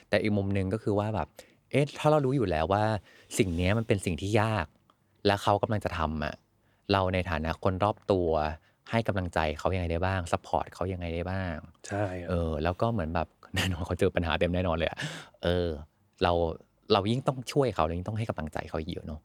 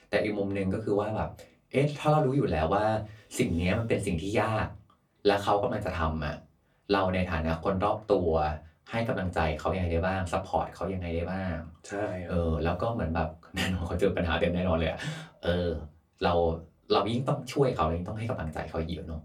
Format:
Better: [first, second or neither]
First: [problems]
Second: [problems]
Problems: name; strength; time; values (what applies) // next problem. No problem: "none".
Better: first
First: none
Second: off-mic speech; far // room echo; very slight; dies away in 0.2 s